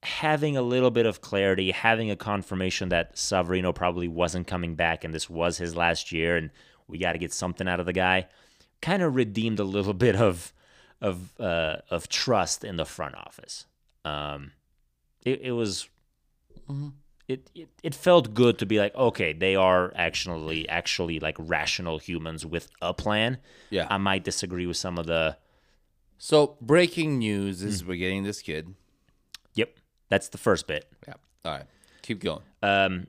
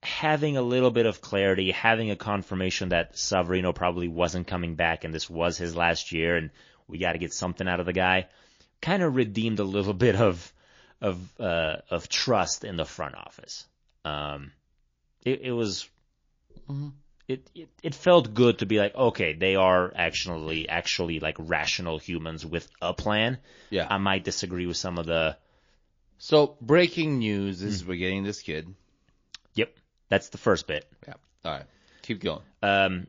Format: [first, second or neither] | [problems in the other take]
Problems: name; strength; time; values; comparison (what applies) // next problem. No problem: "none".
first | garbled, watery; slightly; nothing above 6.5 kHz